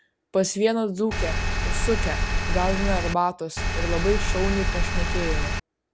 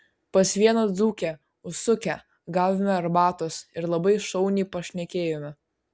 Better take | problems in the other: second | background sound (Engine); 3 dB above the speech

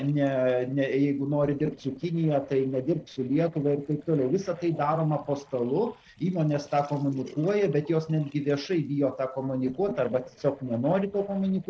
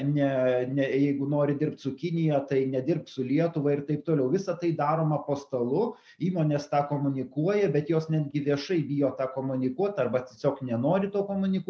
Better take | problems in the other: second | noise reduction (neural separator model SepFormer DNS4)

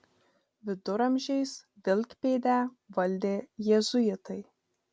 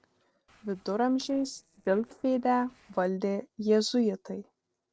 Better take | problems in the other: first | noise reduction (neural separator model SepFormer DNS4)

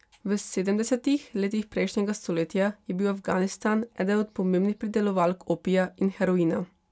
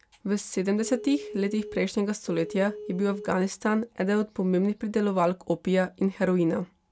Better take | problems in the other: first | background sound (Telephone); 12 dB below the speech

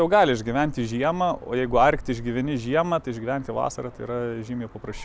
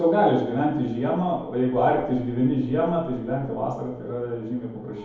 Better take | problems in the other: first | room echo; dies away in 2 s

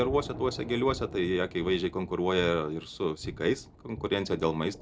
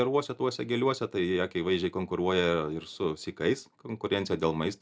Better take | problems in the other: second | background sound (Thunder / Rain); 14 dB below the speech

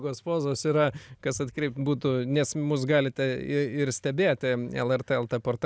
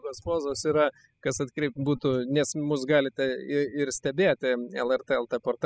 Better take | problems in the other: first | noise reduction (classical method spectral subtraction)

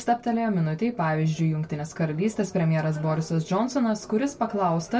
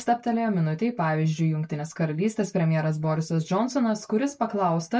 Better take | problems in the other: first | noise reduction (neural mask model Resemble Enhance denoiser)

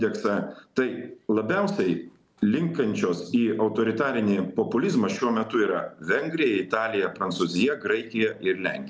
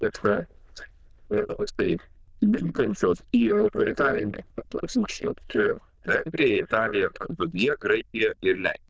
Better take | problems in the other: first | noise reduction (neural diffusion model UNIVERSE++)

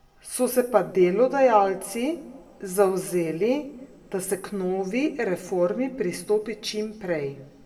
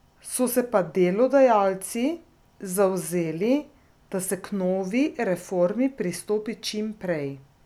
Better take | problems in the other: second | room echo; dies away in 0.9 s

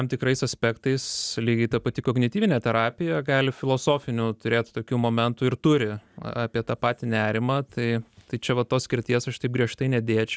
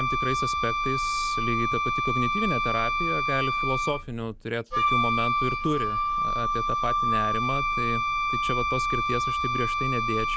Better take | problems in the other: first | background sound (Wind instrument, woodwind instrument); 5 dB above the speech

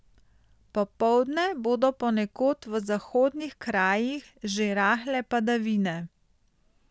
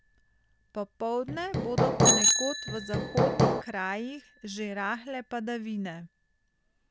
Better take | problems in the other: first | background sound (Bicycle bell + Hammer); 5 dB above the speech

